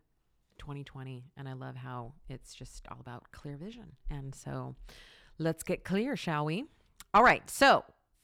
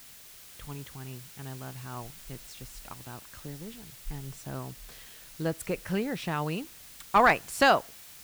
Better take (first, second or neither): first